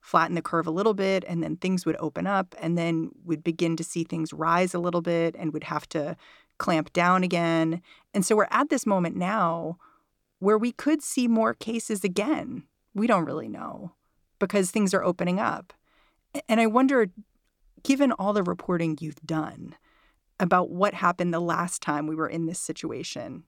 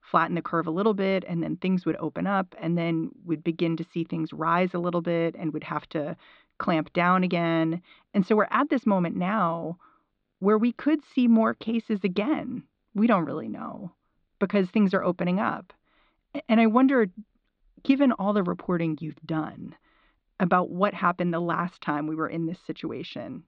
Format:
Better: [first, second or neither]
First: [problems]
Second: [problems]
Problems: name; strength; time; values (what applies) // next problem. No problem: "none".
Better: first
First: none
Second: muffled; slightly; fading above 4 kHz